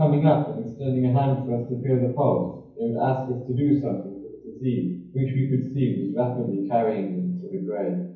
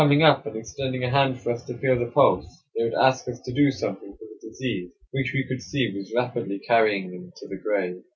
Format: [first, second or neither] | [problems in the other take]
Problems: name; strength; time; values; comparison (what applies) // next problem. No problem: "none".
second | room echo; dies away in 0.9 s